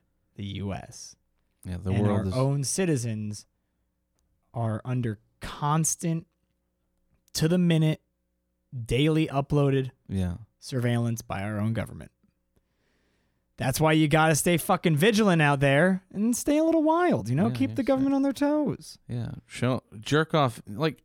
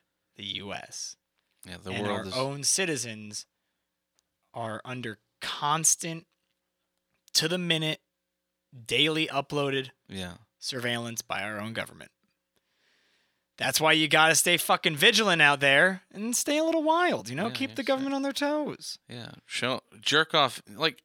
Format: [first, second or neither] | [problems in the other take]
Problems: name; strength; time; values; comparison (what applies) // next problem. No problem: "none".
first | thin; somewhat; fading below 650 Hz